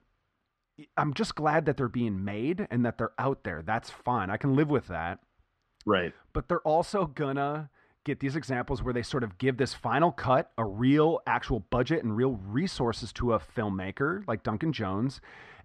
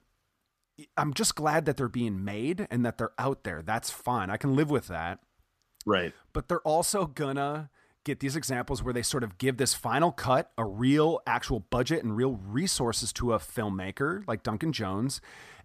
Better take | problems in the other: second | muffled; slightly; fading above 3 kHz

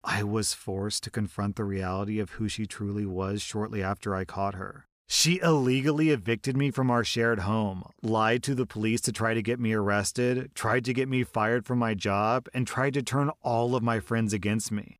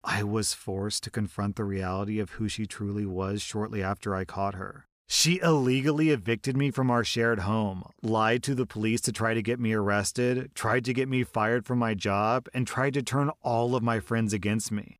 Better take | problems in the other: neither | none

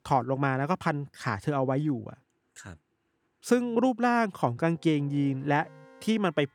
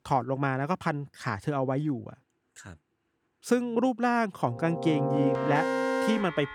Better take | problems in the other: first | background music; loud; from 5 s on; 1 dB below the speech; faint in the first

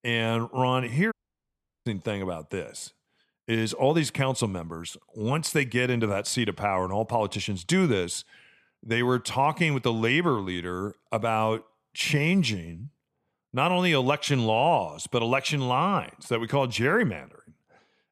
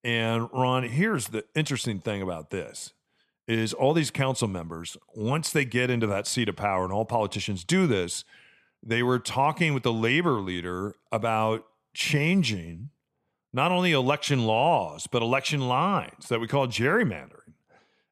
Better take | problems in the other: second | audio cutting out; at 1 s for 0.5 s

